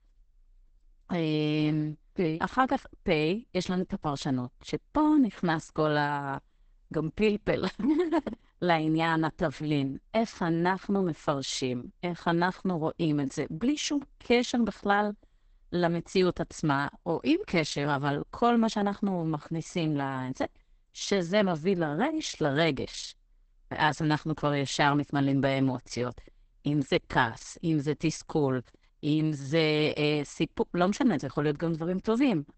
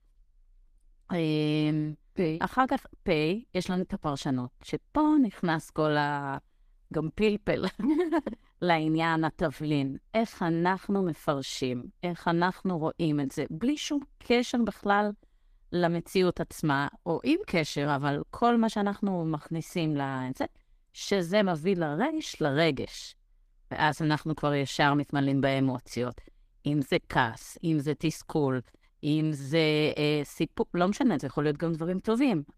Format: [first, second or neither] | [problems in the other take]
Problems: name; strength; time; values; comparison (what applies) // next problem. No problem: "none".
second | garbled, watery; badly; nothing above 8 kHz; slightly in the second